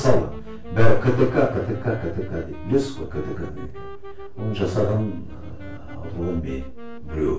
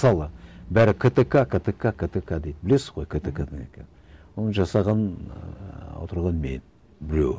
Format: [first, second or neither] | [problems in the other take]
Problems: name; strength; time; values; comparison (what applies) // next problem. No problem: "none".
second | background sound (Wind instrument, woodwind instrument); 19 dB below the speech // room echo; dies away in 0.3 s